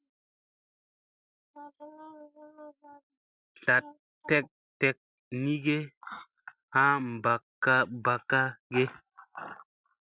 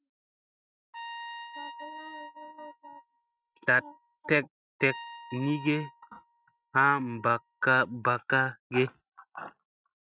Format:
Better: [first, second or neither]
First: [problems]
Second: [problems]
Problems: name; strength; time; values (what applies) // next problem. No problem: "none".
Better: first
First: none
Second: noise reduction (neural mask model RNNoise)